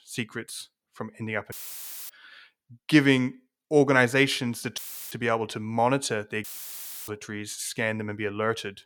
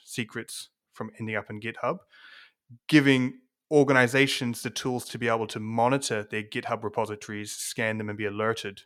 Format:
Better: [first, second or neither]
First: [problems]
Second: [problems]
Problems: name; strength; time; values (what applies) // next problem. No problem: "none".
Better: second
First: audio cutting out; filled with static; at 1.5 s for 0.5 s, at 5 s and at 6.5 s for 0.5 s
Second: none